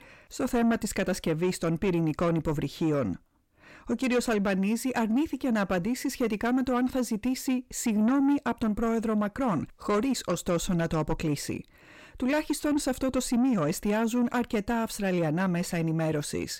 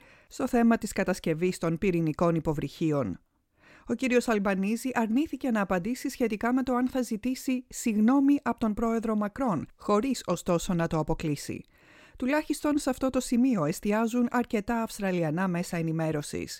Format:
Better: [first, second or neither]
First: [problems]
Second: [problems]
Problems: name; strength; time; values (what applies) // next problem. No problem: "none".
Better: second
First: distortion; slight; 10 dB below the speech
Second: none